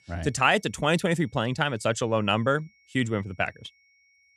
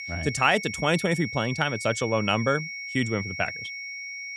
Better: first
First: high-pitched whine; faint; throughout; 2 kHz, 35 dB below the speech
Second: high-pitched whine; loud; throughout; 2 kHz, 8 dB below the speech

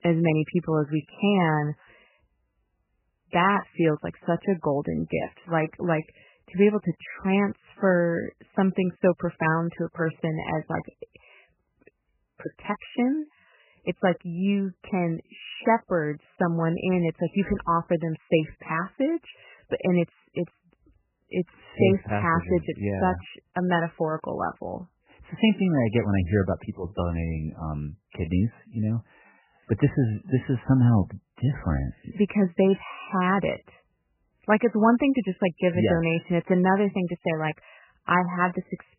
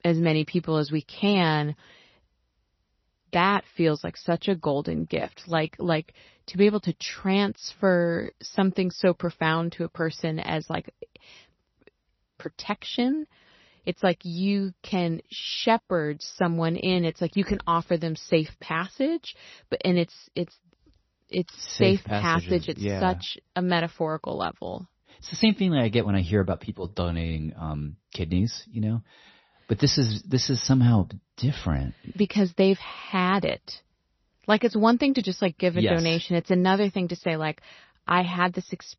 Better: second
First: garbled, watery; badly; nothing above 3 kHz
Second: garbled, watery; slightly; nothing above 6 kHz

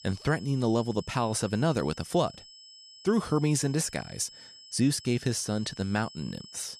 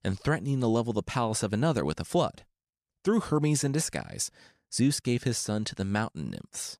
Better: second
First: high-pitched whine; noticeable; throughout; 5 kHz, 20 dB below the speech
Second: none

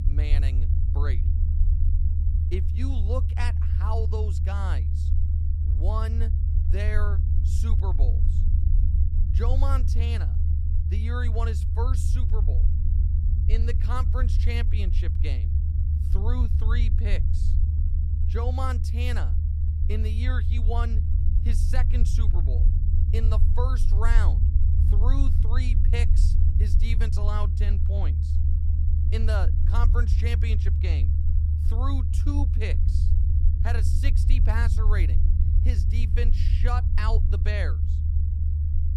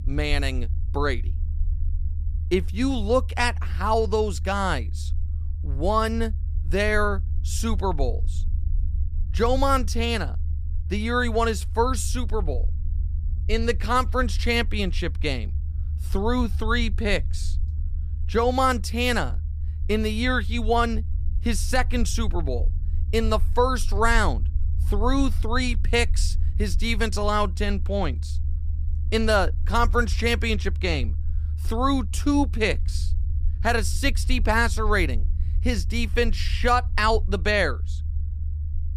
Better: second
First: low rumble; loud; throughout; 5 dB below the speech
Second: low rumble; faint; throughout; 25 dB below the speech

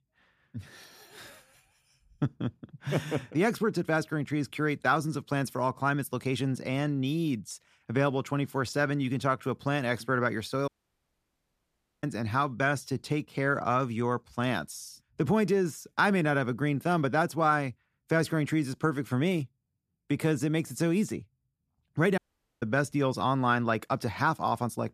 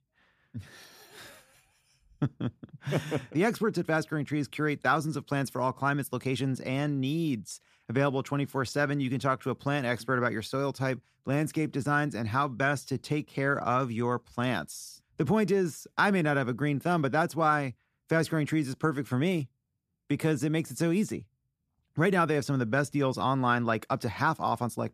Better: second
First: audio cutting out; at 11 s for 1.5 s and at 22 s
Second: none

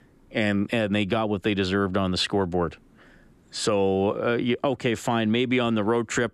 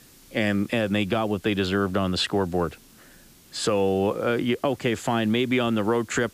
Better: first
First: none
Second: hiss; faint; throughout; 25 dB below the speech

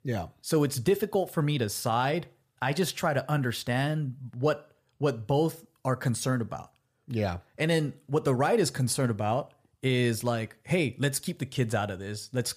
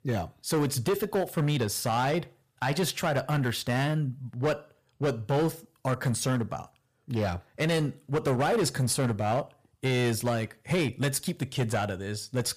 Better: first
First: none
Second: distortion; slight; 11% of the sound clipped

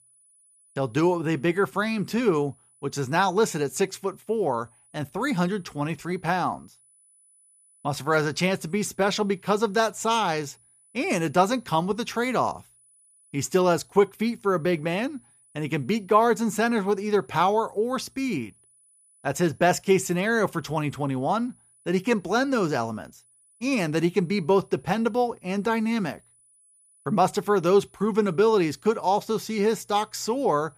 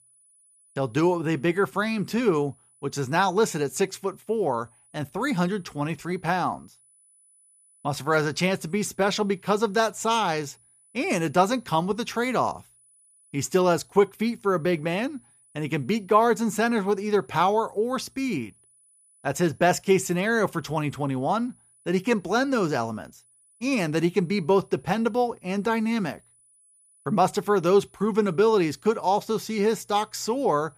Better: neither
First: high-pitched whine; faint; throughout; 10 kHz, 30 dB below the speech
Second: high-pitched whine; faint; throughout; 10 kHz, 30 dB below the speech

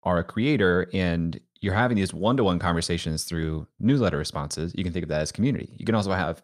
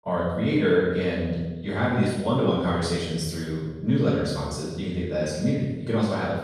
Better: first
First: none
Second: off-mic speech; far // room echo; strong; dies away in 1 s

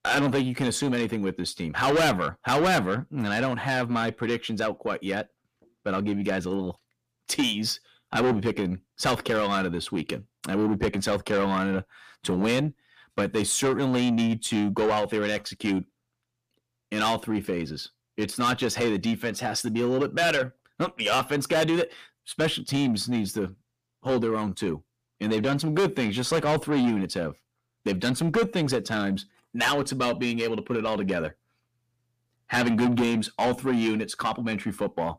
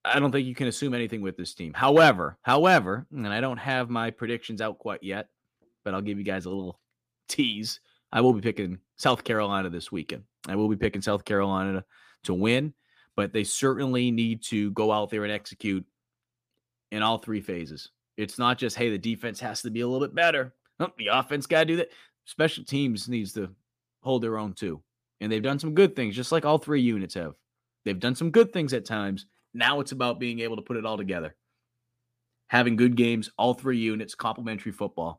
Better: second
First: distortion; heavy; 6 dB below the speech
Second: none

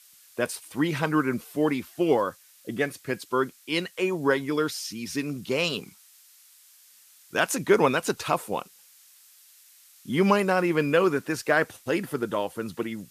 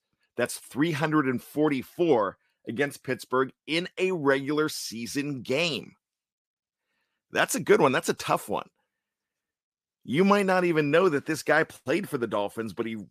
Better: second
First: hiss; faint; throughout; 25 dB below the speech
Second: none

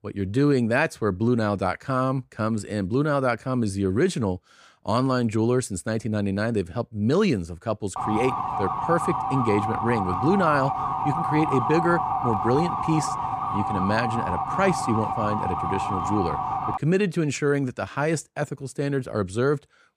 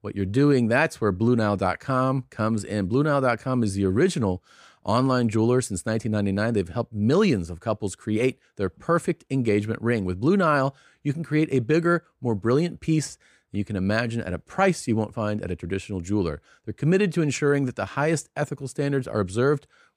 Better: second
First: siren; noticeable; from 8 to 17 s; peak level with the speech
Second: none

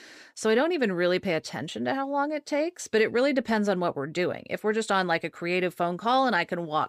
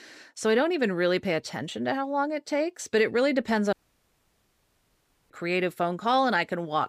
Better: first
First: none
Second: audio cutting out; at 3.5 s for 1.5 s

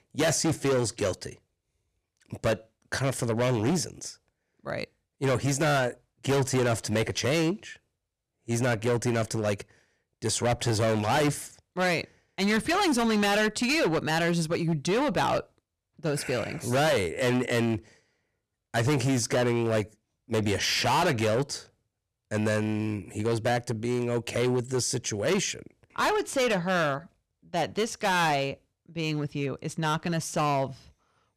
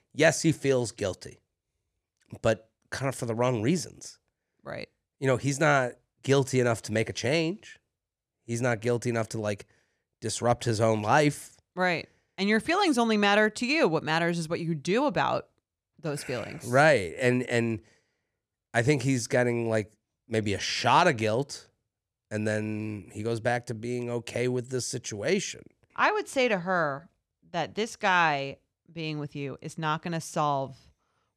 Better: second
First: distortion; heavy; 14% of the sound clipped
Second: none

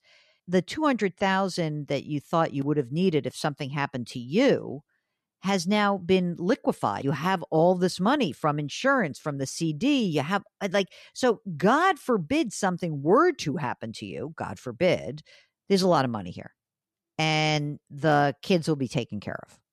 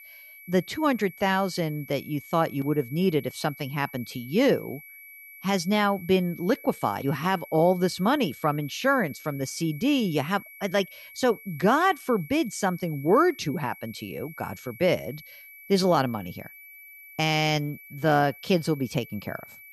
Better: first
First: none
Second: high-pitched whine; noticeable; throughout; 2.5 kHz, 20 dB below the speech

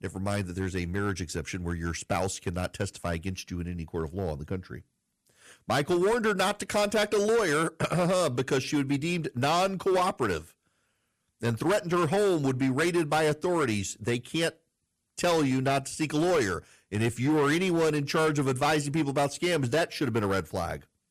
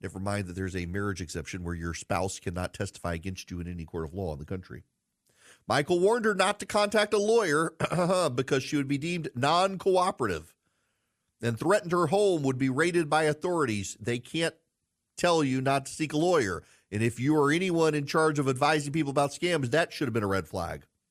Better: second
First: distortion; slight; 10% of the sound clipped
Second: none

